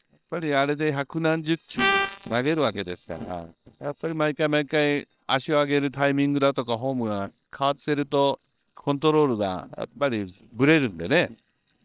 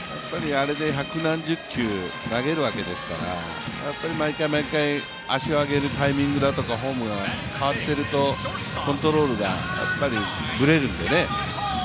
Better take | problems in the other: second | noise reduction (neural separator model SepFormer WHAM!)

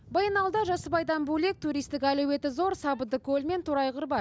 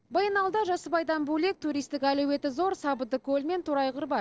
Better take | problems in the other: first | noise reduction (neural separator model SepFormer DNS4)

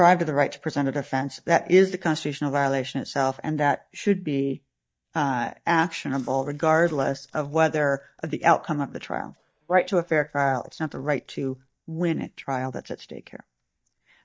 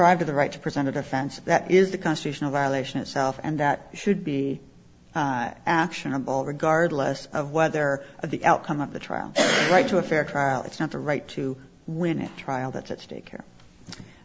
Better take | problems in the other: second | noise reduction (neural mask model DeepFilterNet 3)

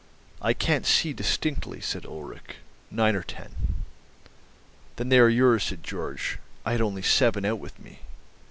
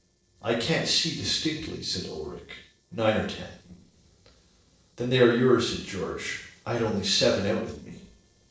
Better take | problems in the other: first | noise reduction (neural separator model SepFormer DNS4)

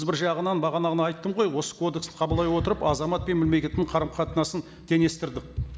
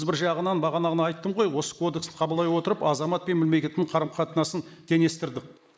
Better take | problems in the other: first | noise reduction (neural mask model Resemble Enhance denoiser)

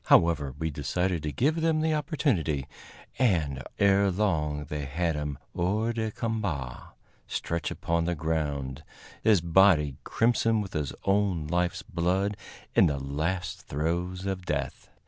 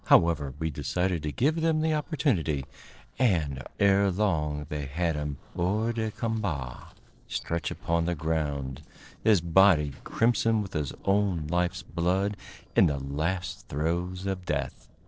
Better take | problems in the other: first | noise reduction (neural separator model SepFormer DNS4)

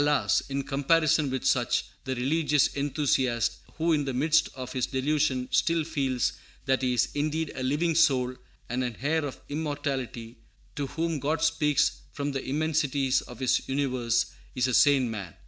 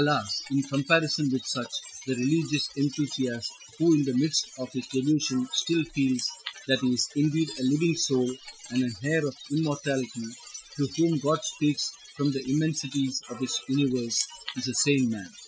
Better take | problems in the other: first | noise reduction (classical method Wiener filter)

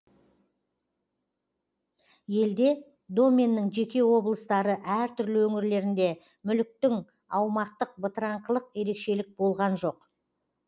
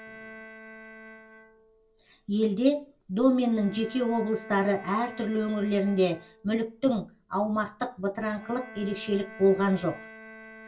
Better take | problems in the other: first | background sound (Bowed string instrument); 19 dB below the speech // room echo; dies away in 0.2 s

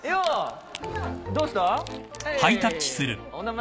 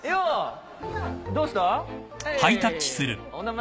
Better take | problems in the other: second | background sound (Wood); 19 dB below the speech

